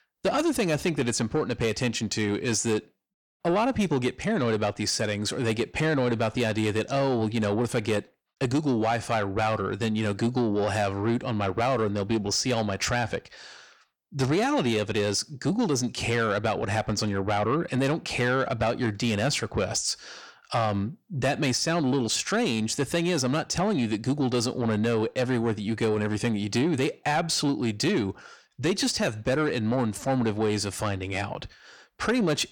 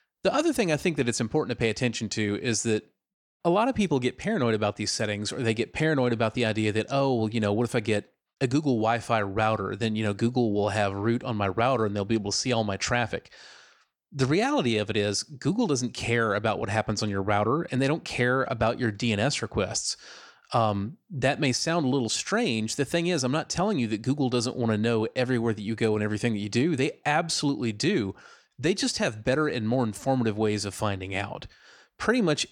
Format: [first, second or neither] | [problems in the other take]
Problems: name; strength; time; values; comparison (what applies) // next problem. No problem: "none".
second | distortion; slight; 10 dB below the speech